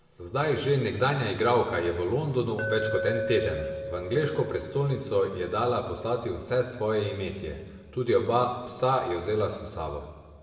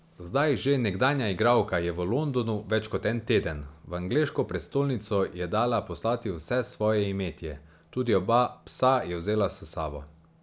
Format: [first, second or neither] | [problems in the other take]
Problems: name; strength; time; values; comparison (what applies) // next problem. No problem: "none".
second | background sound (Glass); 12 dB below the speech // room echo; dies away in 1.6 s